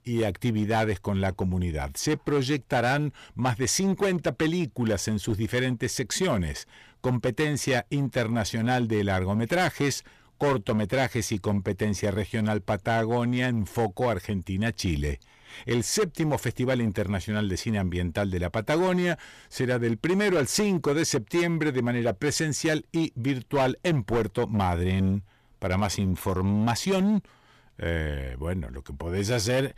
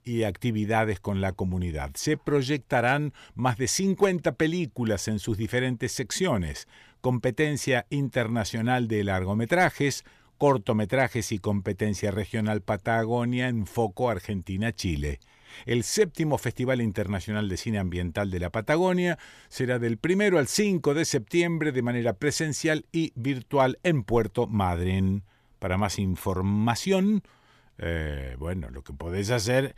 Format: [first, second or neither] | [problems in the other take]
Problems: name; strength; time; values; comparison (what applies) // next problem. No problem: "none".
second | distortion; slight; 9% of the sound clipped